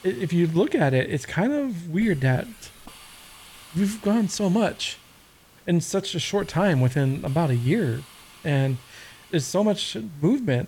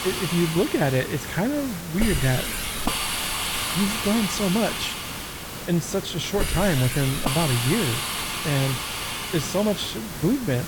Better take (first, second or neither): first